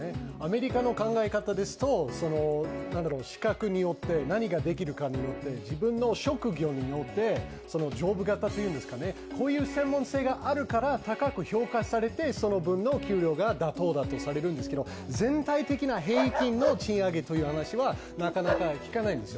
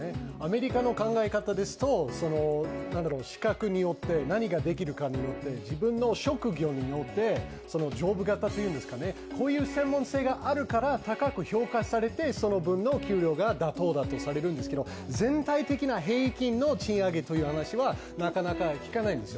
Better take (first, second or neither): second